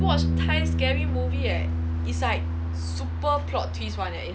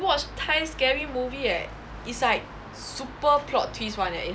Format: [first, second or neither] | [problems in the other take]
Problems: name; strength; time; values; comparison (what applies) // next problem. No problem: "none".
second | background sound (Bass guitar); 5 dB above the speech